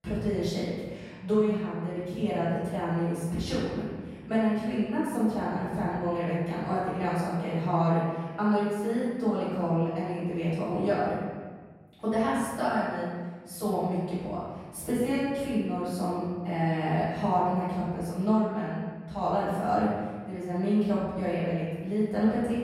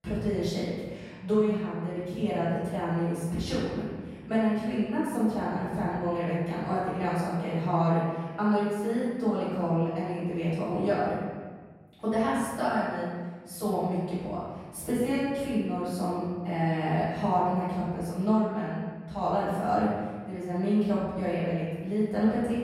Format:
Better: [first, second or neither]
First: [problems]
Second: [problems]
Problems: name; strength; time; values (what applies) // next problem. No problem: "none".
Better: neither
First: room echo; strong; dies away in 1.6 s // off-mic speech; far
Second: room echo; strong; dies away in 1.6 s // off-mic speech; far